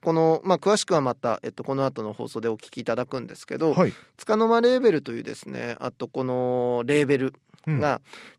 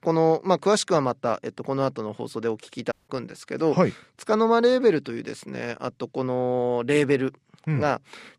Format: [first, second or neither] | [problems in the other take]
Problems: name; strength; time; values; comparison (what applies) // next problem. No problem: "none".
first | audio cutting out; at 3 s